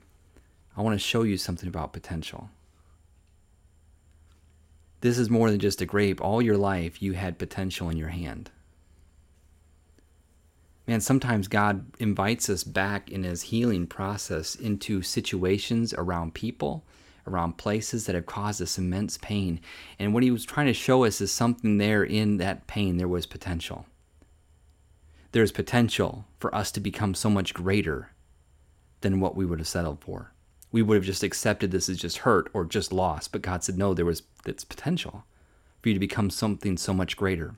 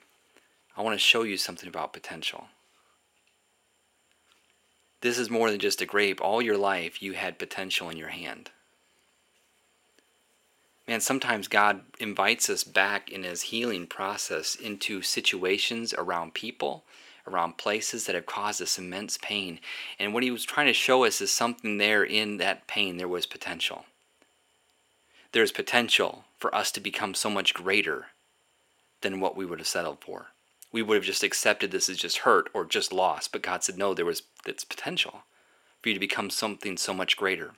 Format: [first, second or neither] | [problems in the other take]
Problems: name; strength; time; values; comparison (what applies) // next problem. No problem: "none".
first | thin; somewhat; fading below 450 Hz